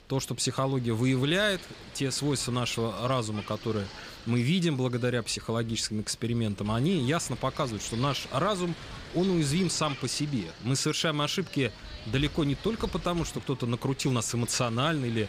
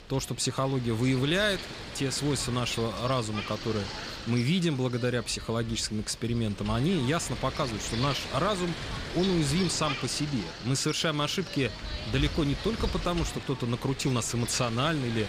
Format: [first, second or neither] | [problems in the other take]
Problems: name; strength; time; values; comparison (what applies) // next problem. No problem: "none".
first | wind noise on the microphone; heavy; 7 dB below the speech; occasional gusts in the first